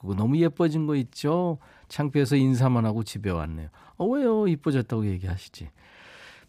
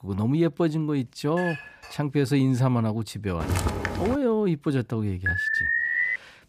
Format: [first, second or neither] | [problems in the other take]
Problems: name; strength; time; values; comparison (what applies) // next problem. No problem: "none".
first | clattering dishes; noticeable; at 1.5 s; peak 8 dB below the speech // footsteps; noticeable; at 3.5 s; peak 1 dB below the speech // alarm; loud; at 5.5 s; peak 3 dB above the speech